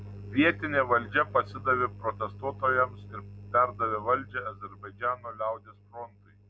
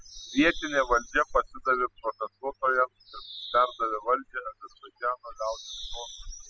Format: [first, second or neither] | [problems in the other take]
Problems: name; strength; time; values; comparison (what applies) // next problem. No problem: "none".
first | noise reduction (classical method spectral subtraction)